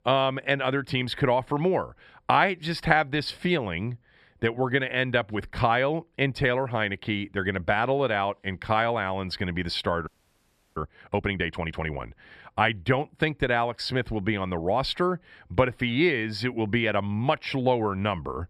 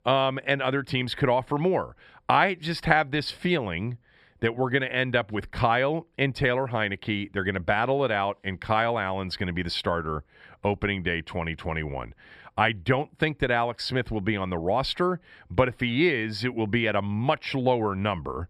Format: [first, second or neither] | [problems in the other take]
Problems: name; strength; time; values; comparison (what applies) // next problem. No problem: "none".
second | audio freezing; at 10 s for 0.5 s